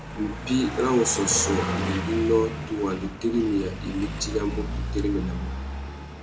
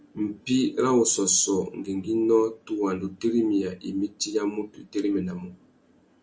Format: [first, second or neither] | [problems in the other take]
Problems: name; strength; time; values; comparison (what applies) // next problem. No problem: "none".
second | background sound (Car passing by); 5 dB below the speech